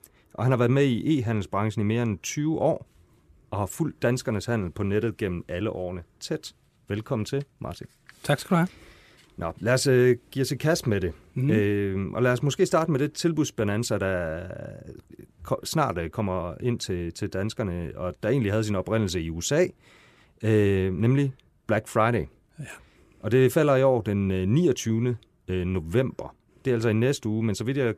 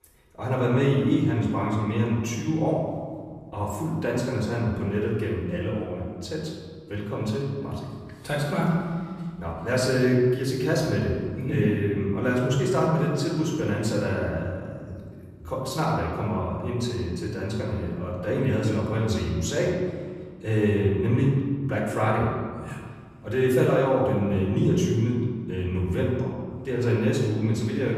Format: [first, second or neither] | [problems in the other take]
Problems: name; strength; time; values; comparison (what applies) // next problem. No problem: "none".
first | off-mic speech; far // room echo; noticeable; dies away in 1.7 s